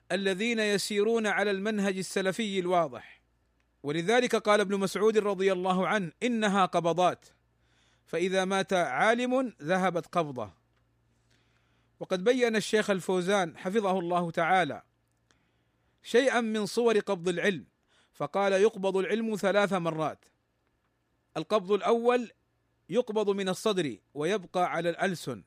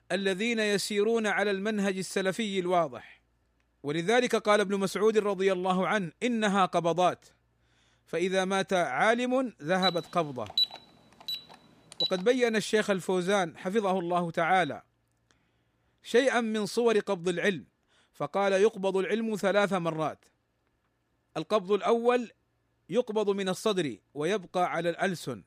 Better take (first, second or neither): first